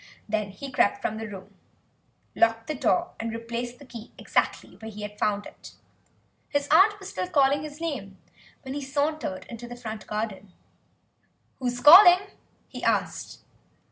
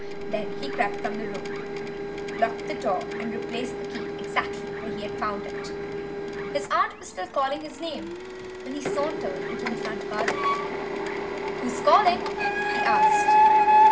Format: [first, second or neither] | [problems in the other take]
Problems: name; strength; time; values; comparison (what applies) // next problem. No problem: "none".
first | background sound (Printer); 4 dB above the speech